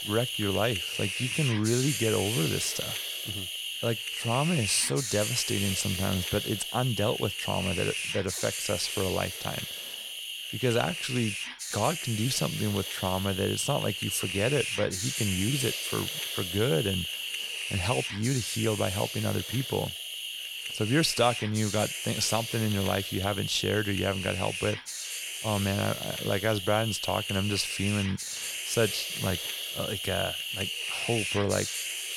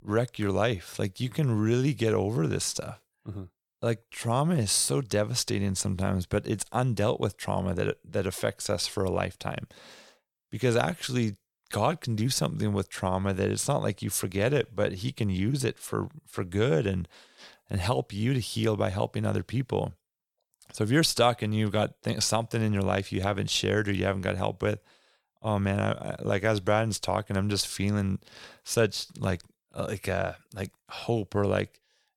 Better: second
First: hiss; loud; throughout; 2 dB below the speech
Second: none

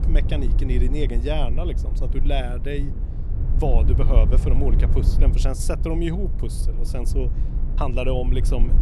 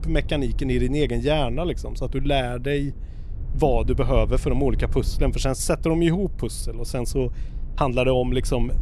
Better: second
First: low rumble; loud; throughout; 9 dB below the speech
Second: low rumble; faint; throughout; 25 dB below the speech

